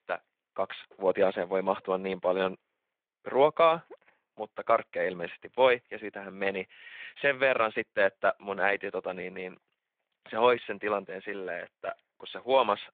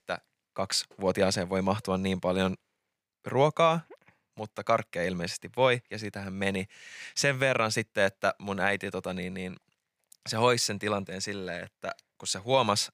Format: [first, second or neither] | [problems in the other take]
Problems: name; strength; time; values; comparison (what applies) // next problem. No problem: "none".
second | phone-call audio; nothing above 3.5 kHz